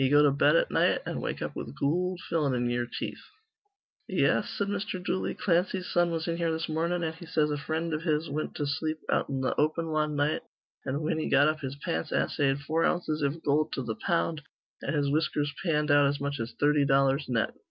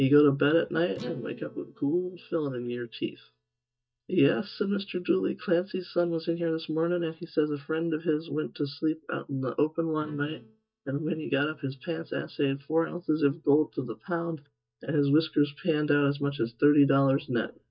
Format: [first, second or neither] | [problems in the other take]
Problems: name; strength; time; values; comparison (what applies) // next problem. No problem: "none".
first | noise reduction (neural mask model DeepFilterNet 3)